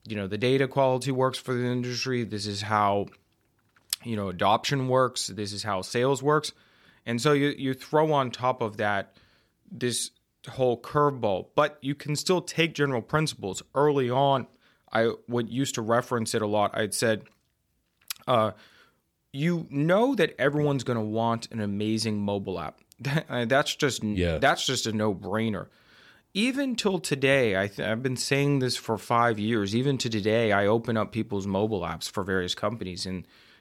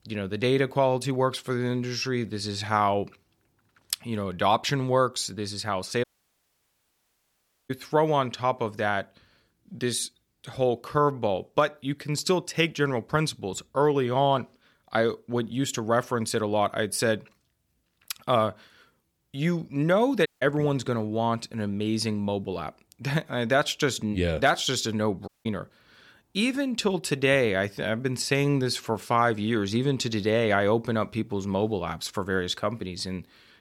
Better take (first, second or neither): first